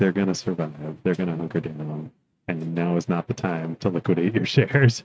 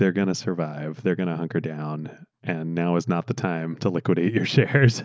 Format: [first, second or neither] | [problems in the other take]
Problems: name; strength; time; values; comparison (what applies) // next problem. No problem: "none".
second | noise reduction (neural mask model RNNoise)